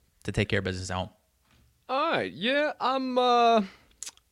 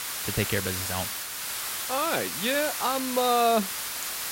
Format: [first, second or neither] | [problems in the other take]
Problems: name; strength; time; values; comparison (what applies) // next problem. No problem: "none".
first | hiss; loud; throughout; 3 dB below the speech